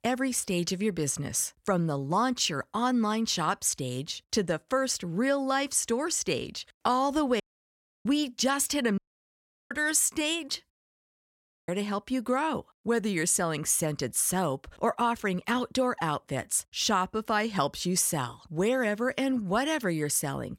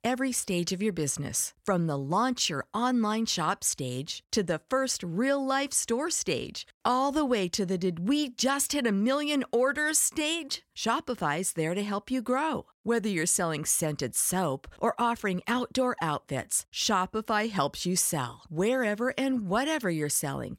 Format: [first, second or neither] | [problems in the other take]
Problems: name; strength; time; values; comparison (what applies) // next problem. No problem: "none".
second | audio cutting out; at 7.5 s for 0.5 s, at 9 s for 0.5 s and at 11 s for 1 s